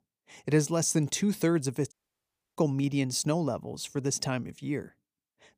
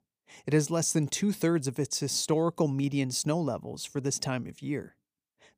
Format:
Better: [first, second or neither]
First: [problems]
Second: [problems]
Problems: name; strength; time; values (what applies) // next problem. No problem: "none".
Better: second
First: audio cutting out; at 2 s for 0.5 s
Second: none